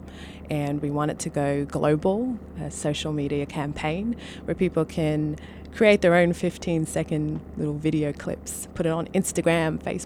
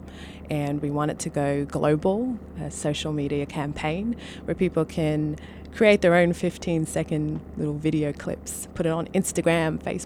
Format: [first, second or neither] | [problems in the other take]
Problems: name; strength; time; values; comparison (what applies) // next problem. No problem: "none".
neither | low rumble; faint; throughout; 20 dB below the speech; the same in both